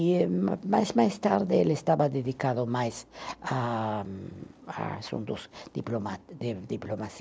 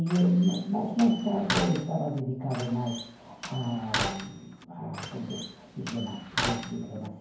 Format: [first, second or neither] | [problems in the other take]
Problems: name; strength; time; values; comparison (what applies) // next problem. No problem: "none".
first | background sound (Slam); 7 dB below the speech // room echo; dies away in 0.9 s